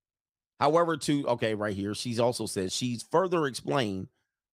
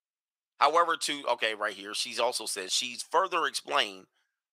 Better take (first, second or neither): first